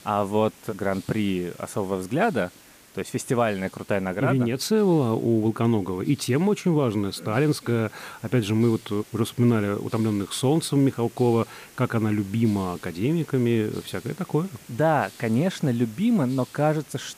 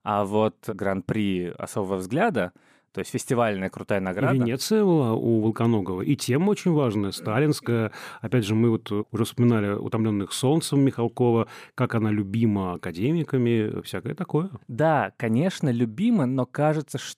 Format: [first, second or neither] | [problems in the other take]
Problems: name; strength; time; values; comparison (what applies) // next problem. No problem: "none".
second | hiss; faint; throughout; 25 dB below the speech